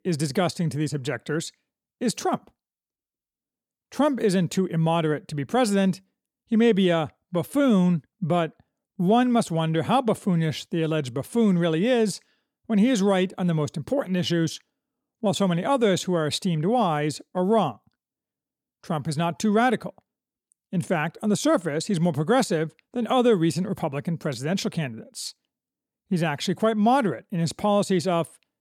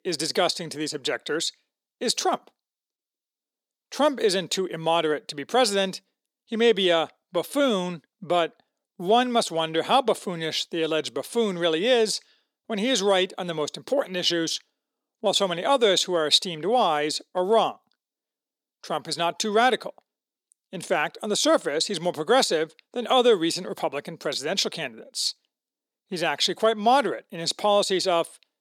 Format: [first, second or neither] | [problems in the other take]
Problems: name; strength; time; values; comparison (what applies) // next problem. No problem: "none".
first | thin; somewhat; fading below 400 Hz